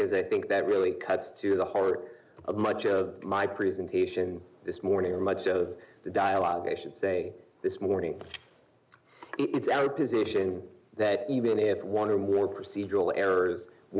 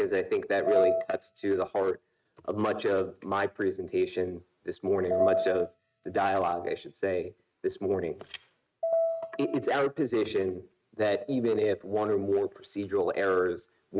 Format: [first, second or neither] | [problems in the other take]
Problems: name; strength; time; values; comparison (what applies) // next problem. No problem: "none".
first | noise reduction (neural mask model RNNoise)